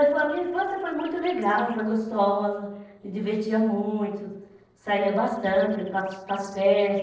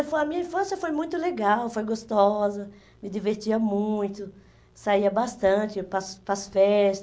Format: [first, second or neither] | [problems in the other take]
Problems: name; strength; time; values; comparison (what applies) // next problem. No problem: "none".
second | noise reduction (neural separator model SepFormer DNS4)